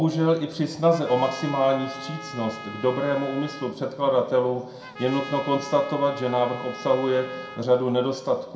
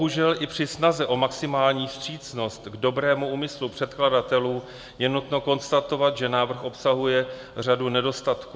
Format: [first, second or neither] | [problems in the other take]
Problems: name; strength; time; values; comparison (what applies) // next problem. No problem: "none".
second | background sound (Trumpet); 15 dB below the speech // room echo; dies away in 0.5 s